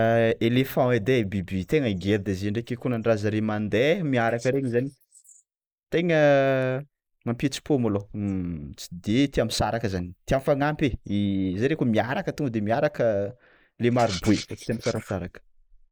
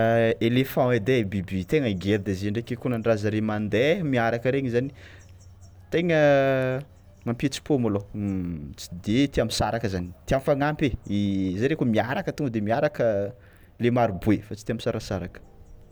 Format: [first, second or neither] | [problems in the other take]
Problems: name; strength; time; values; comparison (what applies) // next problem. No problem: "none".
second | noise reduction (neural mask model Resemble Enhance denoiser)